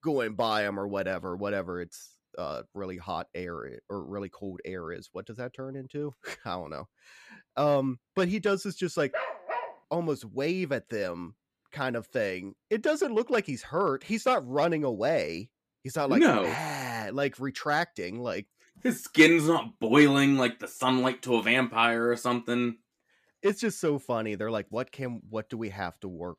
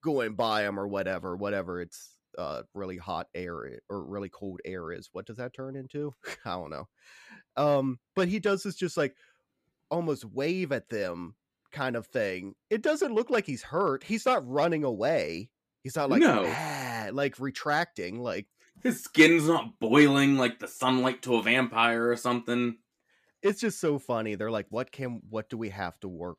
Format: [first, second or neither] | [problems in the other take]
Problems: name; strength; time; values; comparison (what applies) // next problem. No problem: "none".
second | dog barking; noticeable; at 9 s; peak 6 dB below the speech